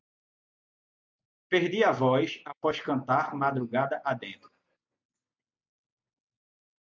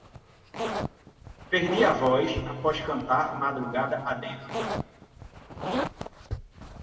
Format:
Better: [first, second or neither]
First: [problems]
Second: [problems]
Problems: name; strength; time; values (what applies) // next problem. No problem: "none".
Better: first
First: none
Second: background sound (Zipper (clothing)); 6 dB below the speech // room echo; dies away in 1.7 s